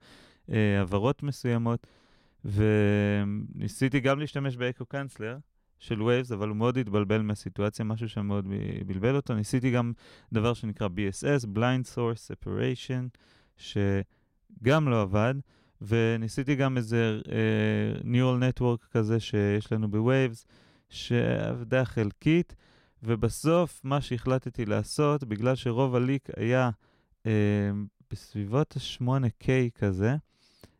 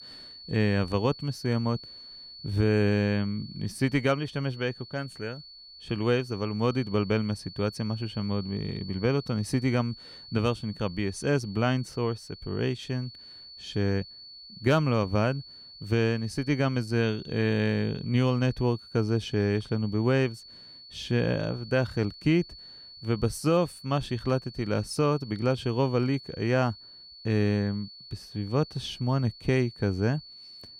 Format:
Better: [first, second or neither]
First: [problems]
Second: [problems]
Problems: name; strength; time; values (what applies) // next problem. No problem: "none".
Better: first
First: none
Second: high-pitched whine; noticeable; throughout; 4.5 kHz, 15 dB below the speech